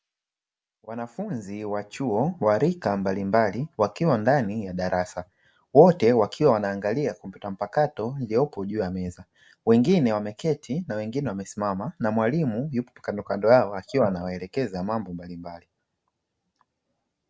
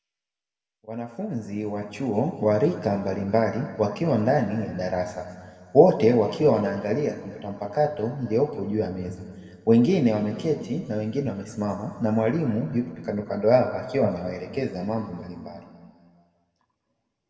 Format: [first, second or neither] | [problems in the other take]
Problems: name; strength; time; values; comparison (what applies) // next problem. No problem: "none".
first | room echo; dies away in 2 s